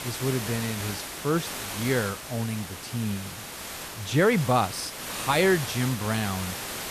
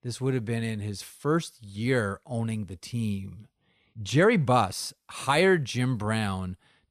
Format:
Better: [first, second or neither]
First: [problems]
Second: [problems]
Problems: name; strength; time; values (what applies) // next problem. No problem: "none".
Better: second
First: hiss; loud; throughout; 7 dB below the speech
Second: none